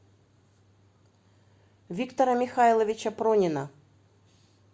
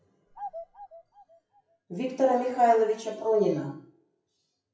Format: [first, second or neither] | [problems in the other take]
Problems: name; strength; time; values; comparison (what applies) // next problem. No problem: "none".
first | noise reduction (classical method WPE with log-MMSE)